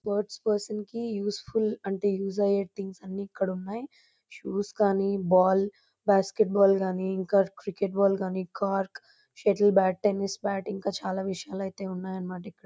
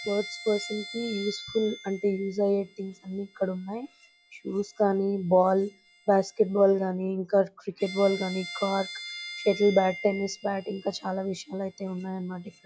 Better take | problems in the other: first | noise reduction (classical method log-MMSE)

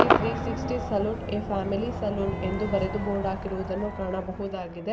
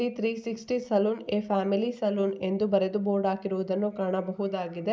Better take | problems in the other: second | background sound (Crowd / Cheering / Fireworks); as loud as the speech

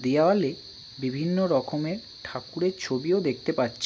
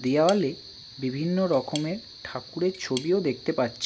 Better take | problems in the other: first | background sound (Cutlery, silverware / Tap); 18 dB below the speech

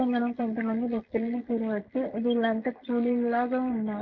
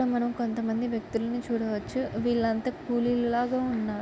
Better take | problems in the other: second | noise reduction (neural mask model Resemble Enhance denoiser)

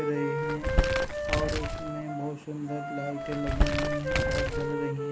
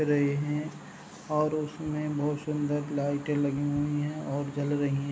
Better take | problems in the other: second | background sound (Crumpling, crinkling + Wind instrument, woodwind instrument); 5 dB above the speech

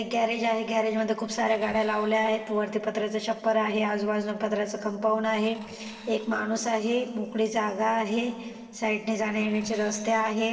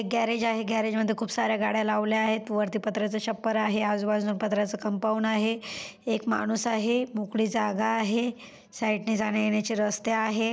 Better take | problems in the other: second | noise reduction (neural separator model SepFormer DNS4)

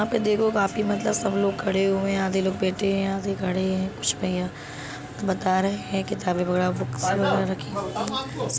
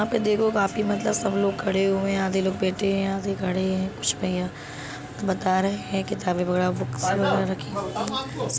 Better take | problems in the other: second | background sound (Piano); 16 dB below the speech

